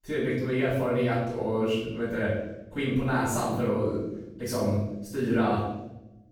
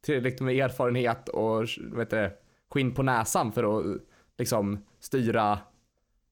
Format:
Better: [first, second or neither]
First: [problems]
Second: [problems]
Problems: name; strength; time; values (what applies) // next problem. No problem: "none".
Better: second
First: off-mic speech; far // room echo; strong; dies away in 0.9 s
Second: none